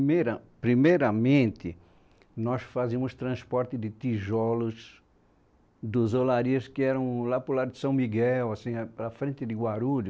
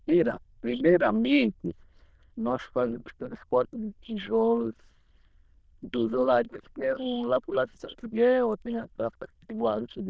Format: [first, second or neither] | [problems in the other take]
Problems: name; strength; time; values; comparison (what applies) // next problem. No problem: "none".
first | noise reduction (neural diffusion model UNIVERSE++)